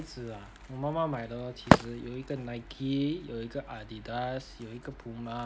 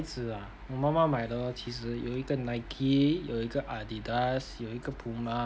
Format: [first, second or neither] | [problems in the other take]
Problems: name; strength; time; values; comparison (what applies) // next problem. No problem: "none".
second | background sound (Wood); 2 dB above the speech